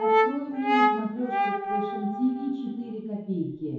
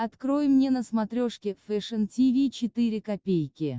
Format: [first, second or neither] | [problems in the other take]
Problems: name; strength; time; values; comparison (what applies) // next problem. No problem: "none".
second | background sound (Brass instrument); 2 dB above the speech // room echo; dies away in 2 s